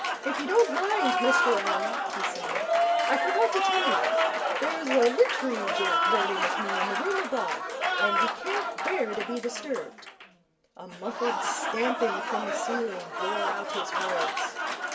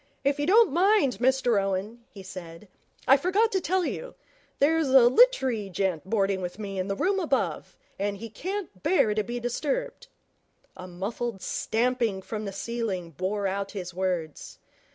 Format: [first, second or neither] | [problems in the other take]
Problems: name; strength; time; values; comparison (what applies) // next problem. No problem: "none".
second | background sound (Applause); 3 dB above the speech // room echo; dies away in 0.4 s